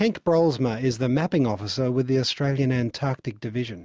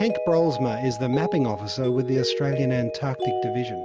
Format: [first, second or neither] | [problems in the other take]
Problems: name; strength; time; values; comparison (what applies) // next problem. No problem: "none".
first | background sound (Mallet percussion); 4 dB below the speech